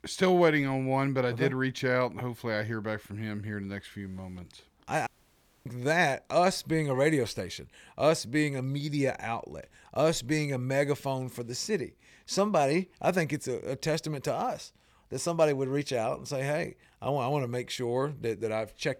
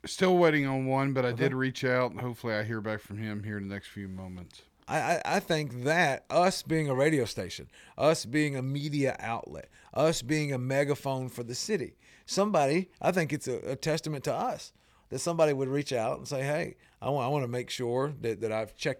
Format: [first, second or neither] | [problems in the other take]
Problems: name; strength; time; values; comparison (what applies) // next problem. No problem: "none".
second | audio cutting out; at 5 s for 0.5 s